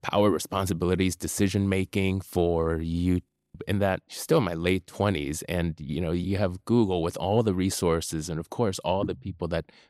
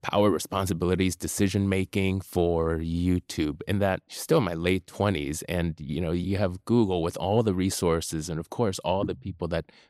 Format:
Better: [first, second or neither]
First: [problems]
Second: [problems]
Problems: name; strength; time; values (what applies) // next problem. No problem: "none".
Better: second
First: audio freezing; at 3.5 s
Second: none